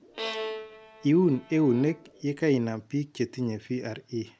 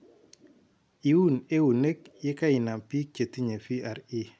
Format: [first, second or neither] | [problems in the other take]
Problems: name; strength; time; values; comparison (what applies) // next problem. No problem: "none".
second | background sound (Bowed string instrument); 12 dB below the speech